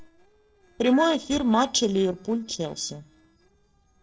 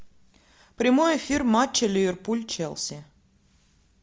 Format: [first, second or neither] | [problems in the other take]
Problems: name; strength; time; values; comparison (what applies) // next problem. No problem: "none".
second | noise reduction (neural separator model SepFormer DNS4)